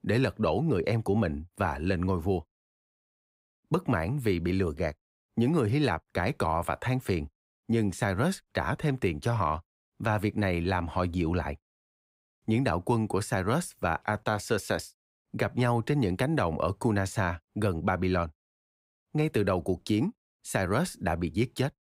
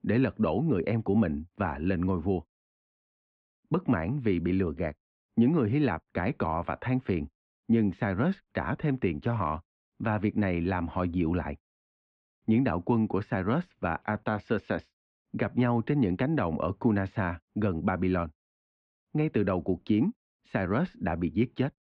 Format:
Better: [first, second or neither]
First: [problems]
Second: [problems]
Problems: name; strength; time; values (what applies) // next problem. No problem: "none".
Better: first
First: none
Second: muffled; very; fading above 3 kHz